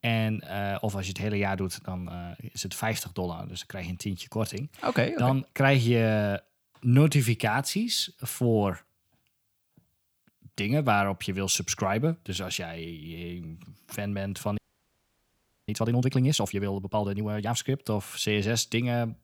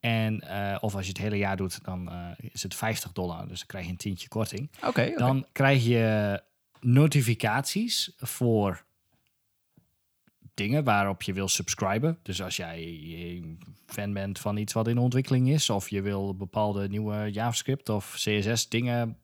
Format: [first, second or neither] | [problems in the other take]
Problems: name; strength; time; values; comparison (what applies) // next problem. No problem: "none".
second | audio freezing; at 15 s for 1 s